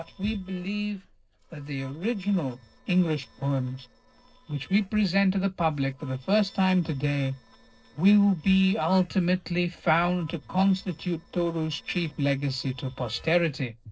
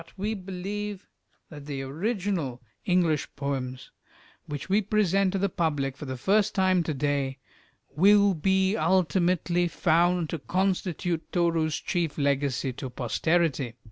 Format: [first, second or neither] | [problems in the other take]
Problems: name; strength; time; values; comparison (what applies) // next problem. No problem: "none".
second | noise reduction (neural separator model SepFormer DNS4)